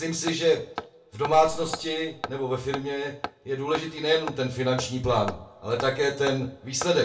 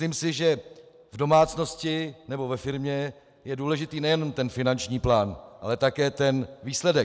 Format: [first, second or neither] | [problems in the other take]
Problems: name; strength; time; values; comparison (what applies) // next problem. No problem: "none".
second | background sound (Hammer); 13 dB below the speech // room echo; dies away in 0.3 s